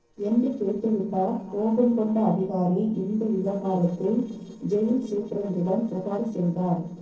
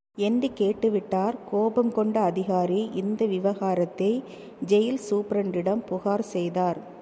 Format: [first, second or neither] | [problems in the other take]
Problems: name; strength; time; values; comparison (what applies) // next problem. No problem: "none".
second | noise reduction (neural separator model SepFormer DNS4)